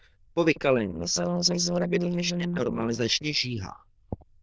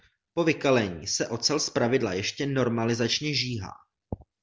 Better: second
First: noise reduction (neural diffusion model UNIVERSE++)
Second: none

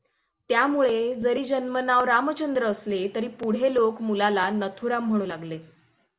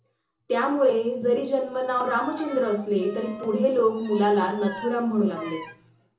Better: first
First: none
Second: background sound (Bowed string instrument); 17 dB below the speech // room echo; dies away in 0.7 s

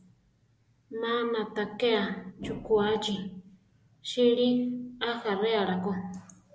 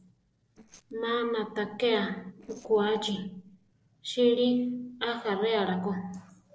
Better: first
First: none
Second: noise reduction (neural separator model SepFormer DNS4)

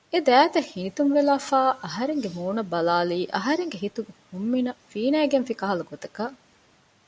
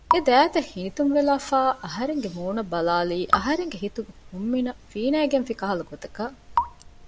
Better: first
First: none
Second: background sound (Raindrop / Drip); 8 dB below the speech

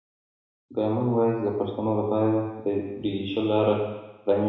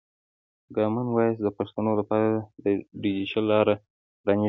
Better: second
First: room echo; dies away in 1 s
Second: none

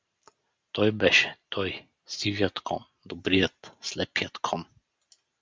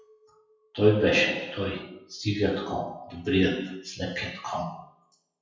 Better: first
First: none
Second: noise reduction (classical method WPE with log-MMSE)

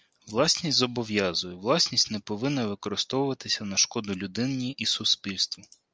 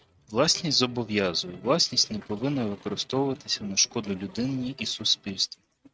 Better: first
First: none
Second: noise reduction (neural mask model RNNoise)

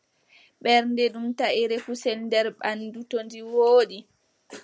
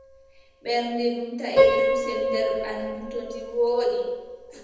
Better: first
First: none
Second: background sound (Piano); 1 dB above the speech // room echo; dies away in 1.1 s

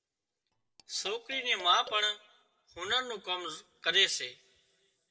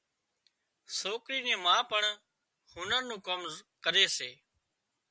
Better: second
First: noise reduction (neural separator model SepFormer DNS4)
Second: none

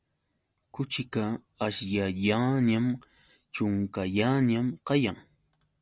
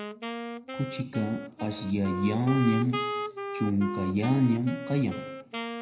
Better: first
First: none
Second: background sound (Wind instrument, woodwind instrument); 7 dB below the speech // room echo; dies away in 0.8 s

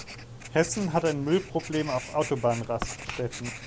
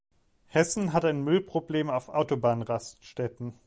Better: second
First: background sound (Writing); 11 dB below the speech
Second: none

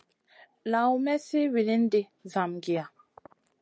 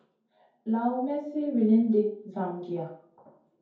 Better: first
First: none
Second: room echo; dies away in 0.6 s

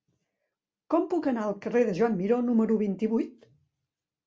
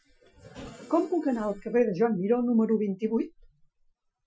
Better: first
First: none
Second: noise reduction (classical method Wiener filter)

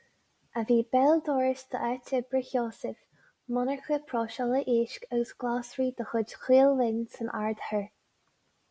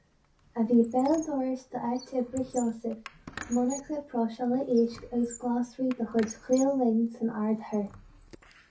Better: first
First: none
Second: background sound (Squeak); 19 dB below the speech // room echo; dies away in 0.3 s

